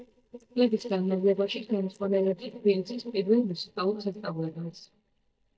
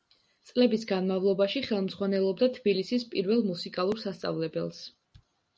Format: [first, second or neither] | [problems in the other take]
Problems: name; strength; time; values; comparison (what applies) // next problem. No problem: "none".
second | noise reduction (neural mask model DeepFilterNet 3)